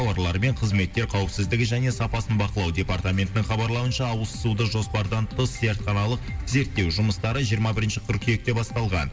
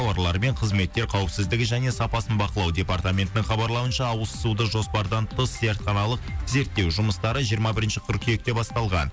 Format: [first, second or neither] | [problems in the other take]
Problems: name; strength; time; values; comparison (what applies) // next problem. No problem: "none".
second | room echo; dies away in 1.6 s